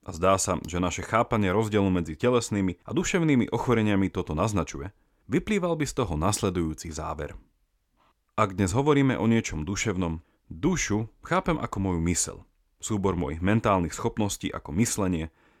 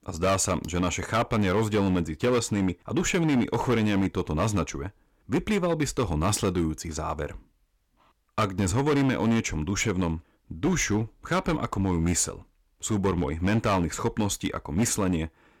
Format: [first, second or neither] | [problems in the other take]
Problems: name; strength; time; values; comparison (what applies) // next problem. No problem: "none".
first | distortion; slight; 8% of the sound clipped